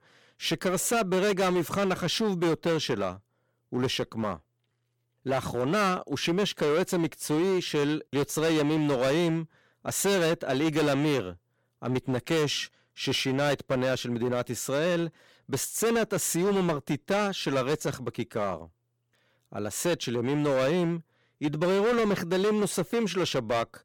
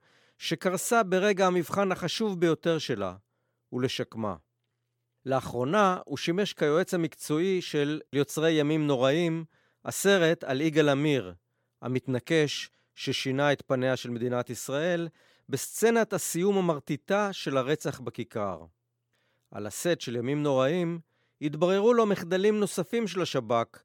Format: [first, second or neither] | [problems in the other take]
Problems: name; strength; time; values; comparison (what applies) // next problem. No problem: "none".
second | distortion; heavy; 15% of the sound clipped